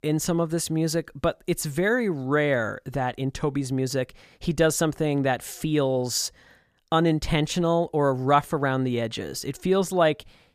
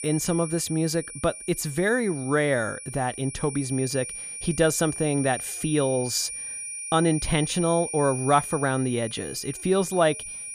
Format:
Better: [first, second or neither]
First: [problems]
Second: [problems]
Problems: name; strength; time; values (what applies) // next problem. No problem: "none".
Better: first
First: none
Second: high-pitched whine; loud; throughout; 9.5 kHz, 8 dB below the speech